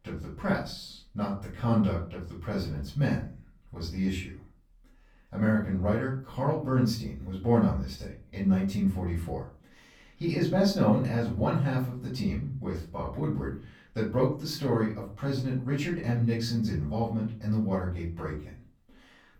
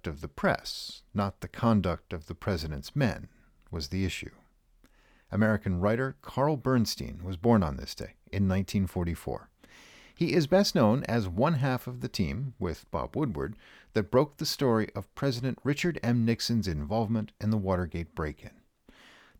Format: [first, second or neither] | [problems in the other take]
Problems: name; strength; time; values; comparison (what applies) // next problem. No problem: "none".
second | off-mic speech; far // room echo; slight; dies away in 0.4 s